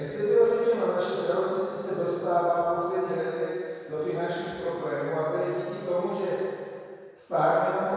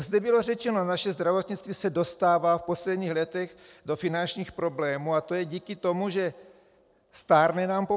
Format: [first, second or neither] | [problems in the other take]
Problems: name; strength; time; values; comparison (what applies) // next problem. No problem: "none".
second | room echo; dies away in 2.2 s